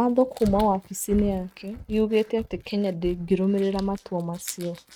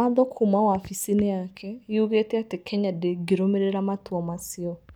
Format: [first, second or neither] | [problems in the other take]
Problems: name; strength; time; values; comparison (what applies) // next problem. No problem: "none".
second | noise reduction (neural mask model RNNoise)